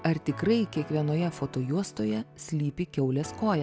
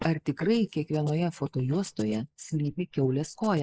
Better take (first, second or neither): first